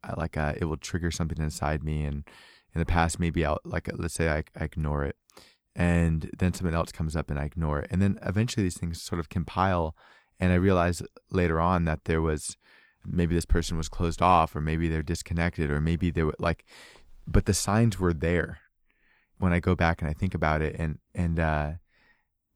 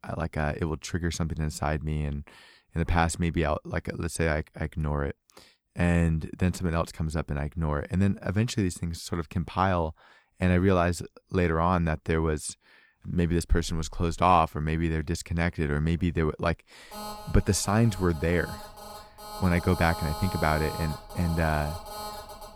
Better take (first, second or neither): first